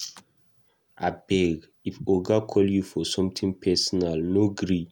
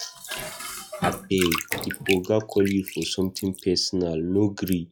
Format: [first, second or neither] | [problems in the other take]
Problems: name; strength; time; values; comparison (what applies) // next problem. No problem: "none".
first | noise reduction (classical method log-MMSE)